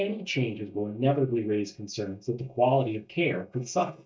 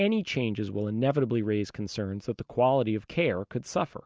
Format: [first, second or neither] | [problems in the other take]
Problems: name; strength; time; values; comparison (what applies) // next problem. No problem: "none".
second | noise reduction (neural mask model DeepFilterNet 3)